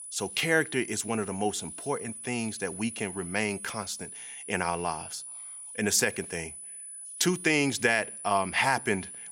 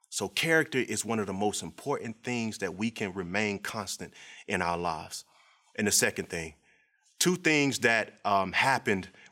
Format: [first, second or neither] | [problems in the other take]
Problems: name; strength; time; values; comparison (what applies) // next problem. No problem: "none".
second | high-pitched whine; noticeable; throughout; 10 kHz, 10 dB below the speech